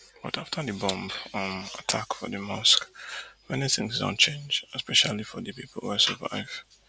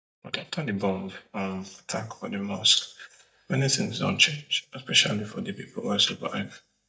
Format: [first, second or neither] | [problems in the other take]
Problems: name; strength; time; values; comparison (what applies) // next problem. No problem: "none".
first | noise reduction (neural mask model DeepFilterNet 3)